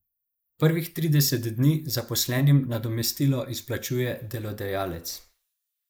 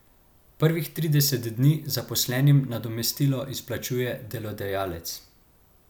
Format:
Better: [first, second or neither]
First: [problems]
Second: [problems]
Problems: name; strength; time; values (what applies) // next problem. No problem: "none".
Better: second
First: noise reduction (neural mask model Resemble Enhance denoiser)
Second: none